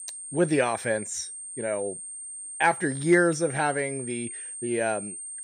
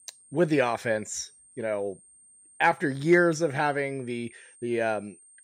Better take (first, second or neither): second